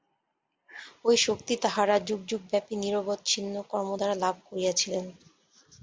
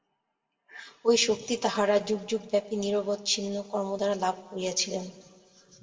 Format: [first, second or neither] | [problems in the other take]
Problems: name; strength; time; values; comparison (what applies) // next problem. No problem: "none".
first | room echo; dies away in 1.1 s